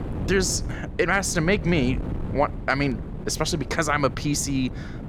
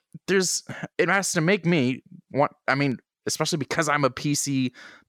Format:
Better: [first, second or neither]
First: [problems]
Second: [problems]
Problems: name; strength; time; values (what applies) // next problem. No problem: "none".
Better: second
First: wind noise on the microphone; occasional gusts; 15 dB below the speech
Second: none